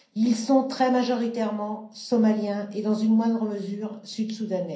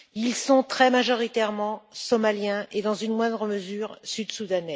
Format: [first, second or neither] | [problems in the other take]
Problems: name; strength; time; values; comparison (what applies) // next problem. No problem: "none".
second | room echo; dies away in 0.6 s